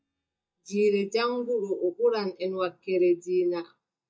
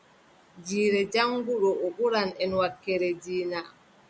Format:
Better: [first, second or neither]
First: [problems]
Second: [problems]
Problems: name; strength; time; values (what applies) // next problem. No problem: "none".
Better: second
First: noise reduction (neural mask model DeepFilterNet 3)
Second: none